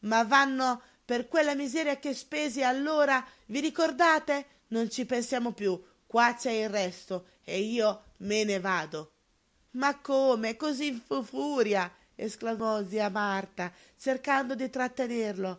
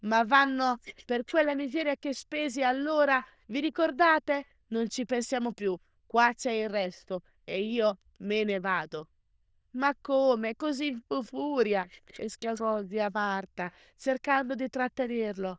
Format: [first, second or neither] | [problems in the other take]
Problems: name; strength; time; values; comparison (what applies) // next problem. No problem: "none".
first | noise reduction (neural diffusion model UNIVERSE++)